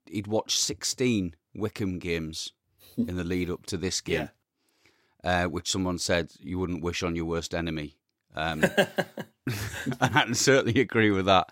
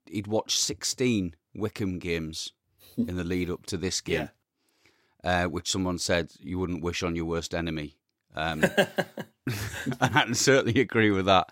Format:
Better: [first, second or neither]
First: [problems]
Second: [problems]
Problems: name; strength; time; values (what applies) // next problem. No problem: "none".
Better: neither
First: none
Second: none